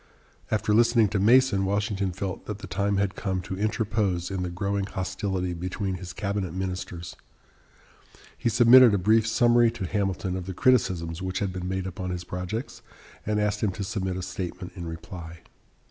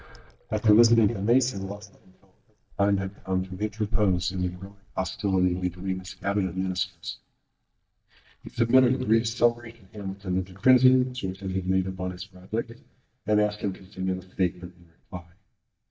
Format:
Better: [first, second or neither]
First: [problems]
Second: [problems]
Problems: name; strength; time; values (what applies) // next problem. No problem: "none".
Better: first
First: none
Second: noise reduction (neural mask model DeepFilterNet 3)